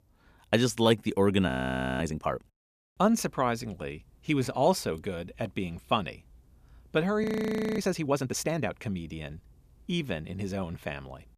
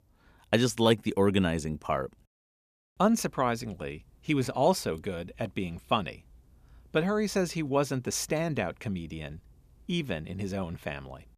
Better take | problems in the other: second | audio freezing; at 1.5 s for 0.5 s and at 7 s for 0.5 s

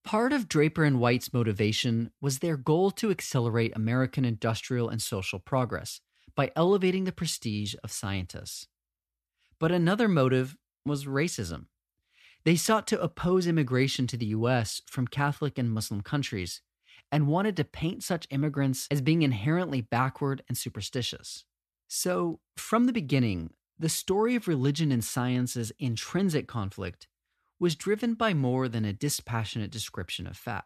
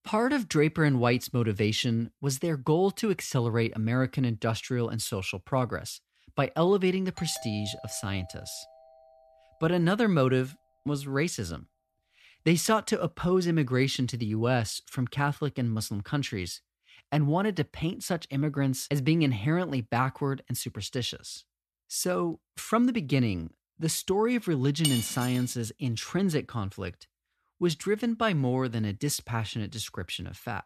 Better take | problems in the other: first | doorbell; faint; from 7 to 9 s; peak 15 dB below the speech // clattering dishes; noticeable; at 25 s; peak 2 dB below the speech

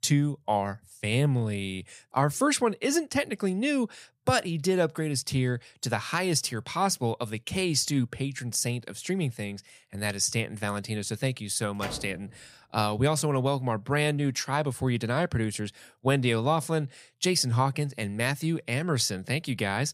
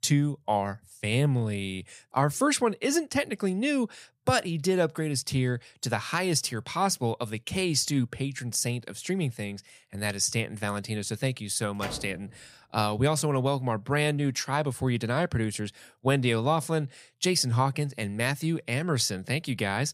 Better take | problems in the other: neither | door banging; faint; at 12 s; peak 10 dB below the speech; the same in both

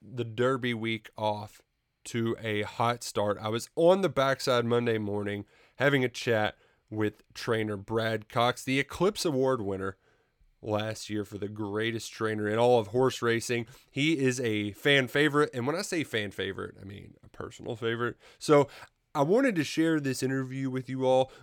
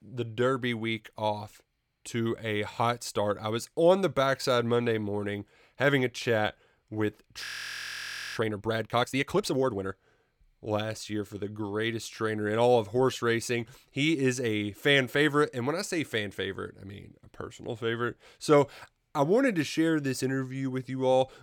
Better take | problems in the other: first | audio freezing; at 7.5 s for 1 s

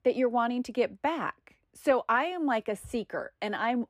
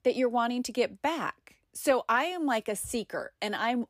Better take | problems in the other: second | muffled; slightly; fading above 3.5 kHz

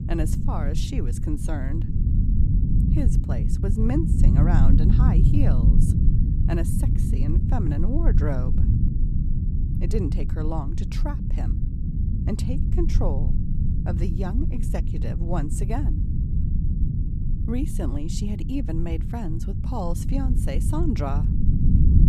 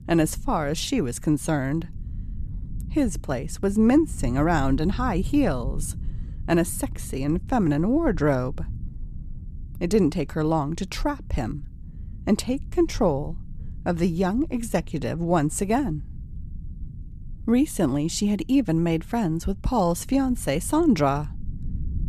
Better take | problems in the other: second | low rumble; loud; throughout; 2 dB below the speech; faint in the second

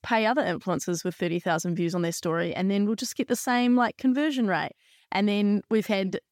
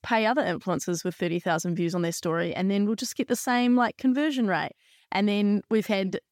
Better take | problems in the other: neither | none

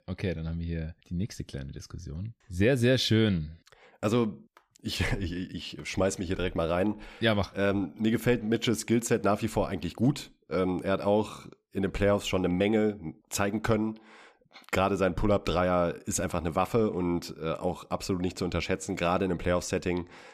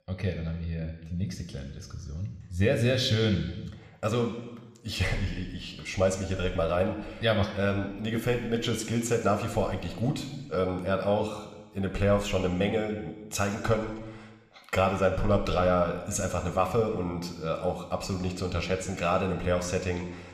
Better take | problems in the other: first | room echo; slight; dies away in 1.1 s

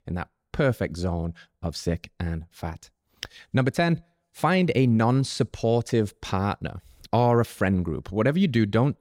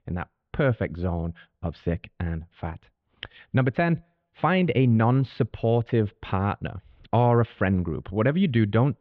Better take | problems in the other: first | muffled; very; fading above 3 kHz

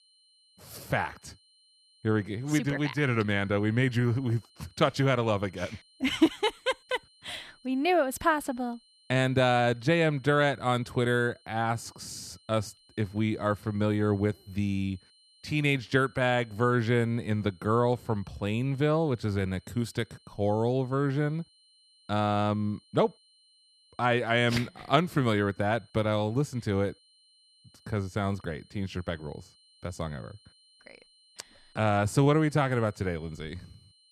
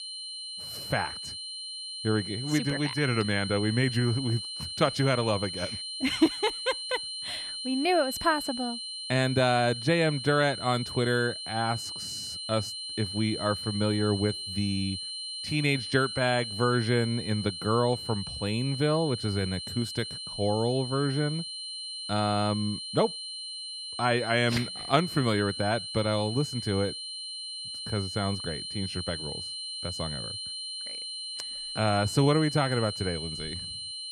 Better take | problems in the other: first | high-pitched whine; loud; throughout; 4 kHz, 6 dB below the speech; faint in the first

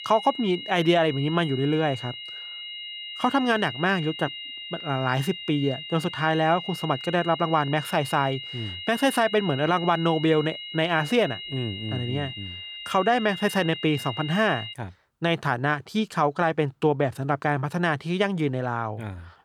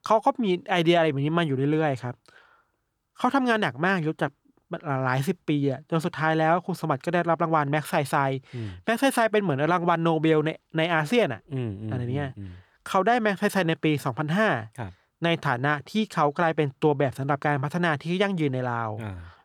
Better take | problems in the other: second | high-pitched whine; loud; until 15 s; 3 kHz, 10 dB below the speech

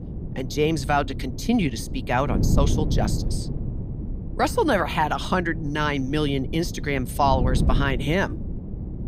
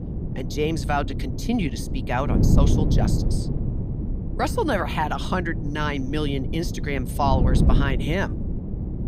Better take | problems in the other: first | wind noise on the microphone; heavy; 8 dB below the speech; occasional gusts in the first

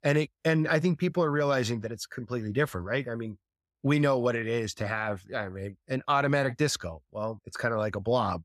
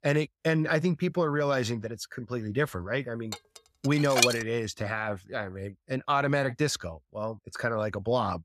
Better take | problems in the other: first | clattering dishes; loud; from 3.5 to 4.5 s; peak 5 dB above the speech

